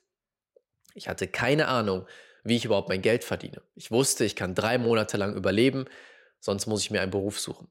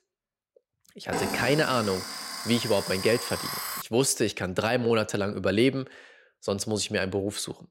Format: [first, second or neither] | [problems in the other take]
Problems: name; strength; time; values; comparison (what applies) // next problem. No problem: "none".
first | alarm; noticeable; from 1 to 4 s; peak 3 dB below the speech